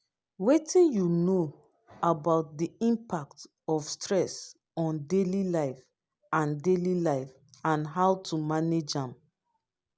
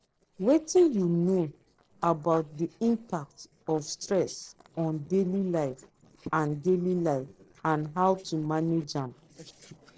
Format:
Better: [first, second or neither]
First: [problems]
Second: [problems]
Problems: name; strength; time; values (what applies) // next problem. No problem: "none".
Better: first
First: none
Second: noise reduction (neural separator model SepFormer DNS4)